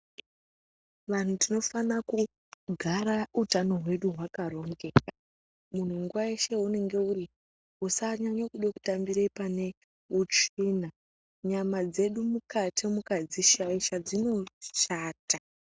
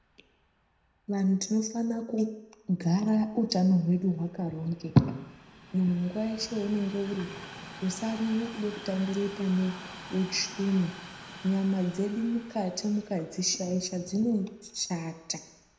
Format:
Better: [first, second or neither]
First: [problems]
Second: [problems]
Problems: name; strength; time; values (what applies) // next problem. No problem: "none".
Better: first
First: none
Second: background sound (Train); 18 dB below the speech // room echo; dies away in 0.7 s